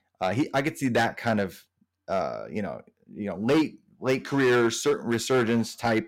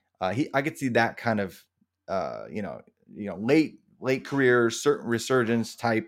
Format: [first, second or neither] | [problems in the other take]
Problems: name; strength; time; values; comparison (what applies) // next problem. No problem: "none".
second | distortion; slight; 6% of the sound clipped